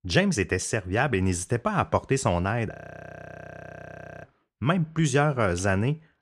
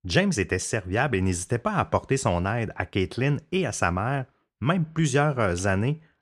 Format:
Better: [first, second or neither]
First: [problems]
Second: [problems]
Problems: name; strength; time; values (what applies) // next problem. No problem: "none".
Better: second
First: audio freezing; at 2.5 s for 1.5 s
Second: none